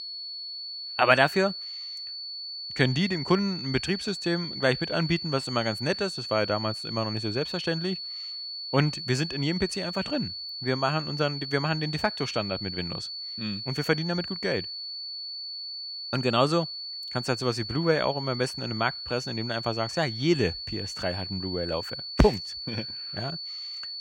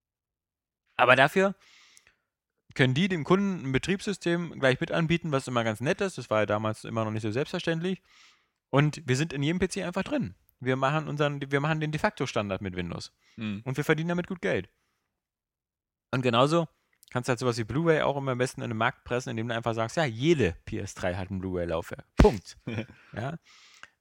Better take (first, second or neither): second